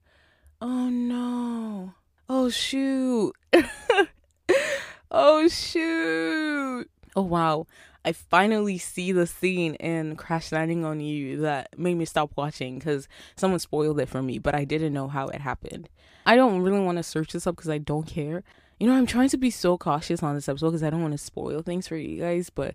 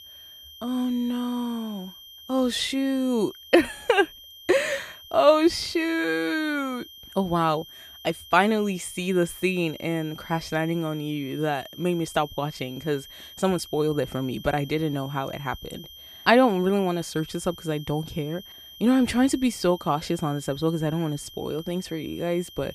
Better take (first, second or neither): first